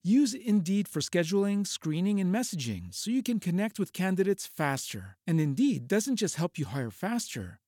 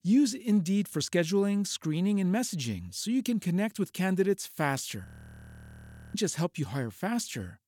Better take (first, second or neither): first